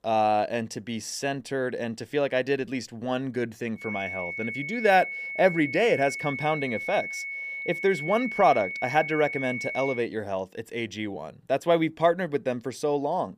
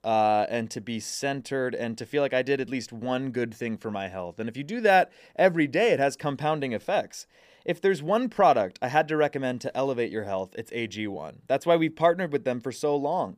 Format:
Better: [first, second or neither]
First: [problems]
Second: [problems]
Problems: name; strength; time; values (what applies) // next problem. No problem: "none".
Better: second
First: high-pitched whine; loud; from 4 to 10 s; 2 kHz, 5 dB below the speech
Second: none